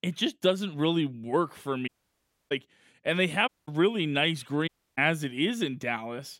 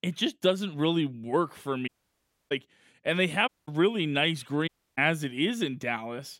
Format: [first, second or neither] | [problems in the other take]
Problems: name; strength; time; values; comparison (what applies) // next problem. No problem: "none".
neither | audio cutting out; at 2 s for 0.5 s, at 3.5 s and at 4.5 s; the same in both